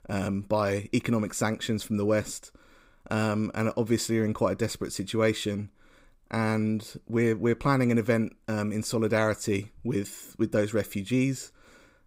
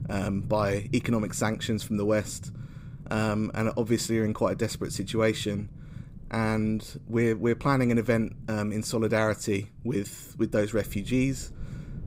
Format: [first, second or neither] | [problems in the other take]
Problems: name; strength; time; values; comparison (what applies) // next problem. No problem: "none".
first | low rumble; faint; throughout; 25 dB below the speech